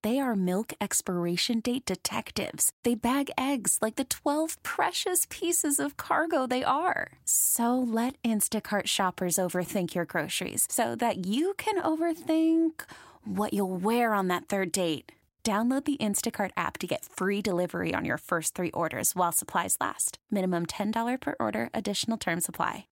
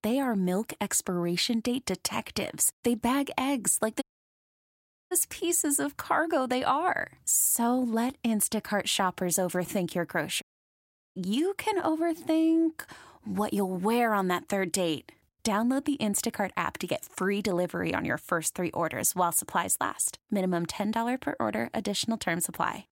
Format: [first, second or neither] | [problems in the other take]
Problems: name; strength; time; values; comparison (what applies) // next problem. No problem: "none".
first | audio cutting out; at 4 s for 1 s and at 10 s for 0.5 s